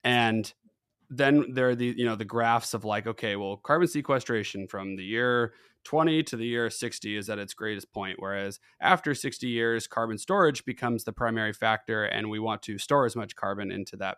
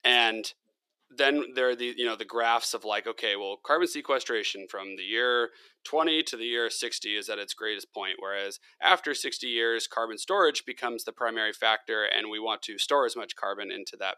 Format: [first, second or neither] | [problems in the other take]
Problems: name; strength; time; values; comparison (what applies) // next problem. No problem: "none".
first | thin; somewhat; fading below 350 Hz